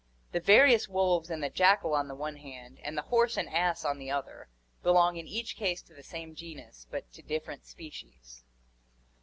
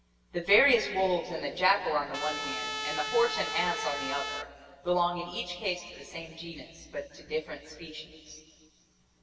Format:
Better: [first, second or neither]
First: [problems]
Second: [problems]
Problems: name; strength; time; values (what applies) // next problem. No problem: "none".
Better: first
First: none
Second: background sound (Trumpet); 4 dB below the speech // room echo; dies away in 2.4 s